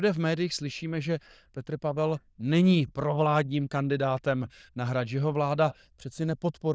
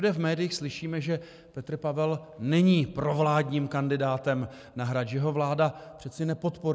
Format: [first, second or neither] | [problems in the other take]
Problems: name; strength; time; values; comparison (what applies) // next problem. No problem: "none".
second | noise reduction (neural diffusion model UNIVERSE++)